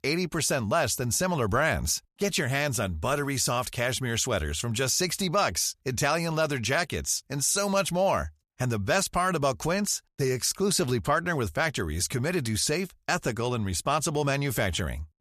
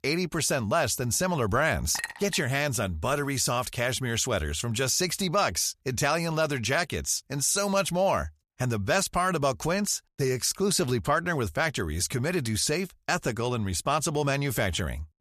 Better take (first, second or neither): first